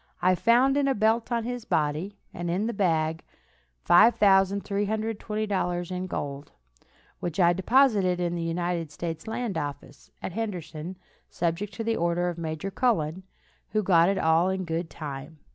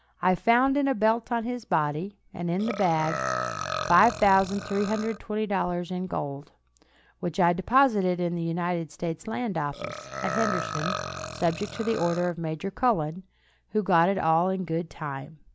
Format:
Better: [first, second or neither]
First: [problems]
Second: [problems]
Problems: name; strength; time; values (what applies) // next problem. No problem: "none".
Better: first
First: none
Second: background sound (Burping, eructation); 7 dB below the speech